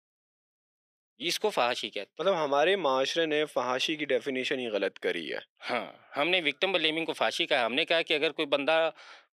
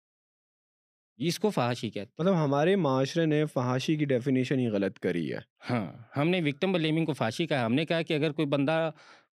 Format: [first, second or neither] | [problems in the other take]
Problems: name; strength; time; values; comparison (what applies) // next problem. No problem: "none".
second | thin; somewhat; fading below 550 Hz